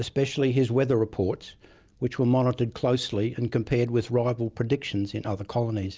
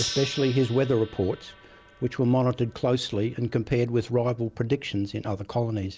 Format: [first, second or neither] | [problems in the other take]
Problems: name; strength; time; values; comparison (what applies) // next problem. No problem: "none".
first | background sound (Gong); 16 dB below the speech